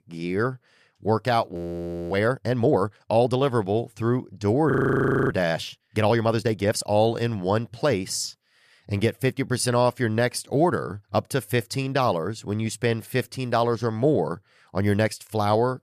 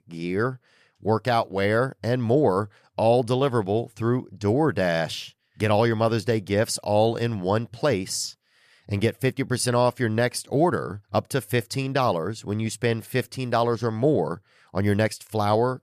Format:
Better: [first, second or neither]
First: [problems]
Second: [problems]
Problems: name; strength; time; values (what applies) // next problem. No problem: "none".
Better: second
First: audio freezing; at 1.5 s for 0.5 s and at 4.5 s for 0.5 s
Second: none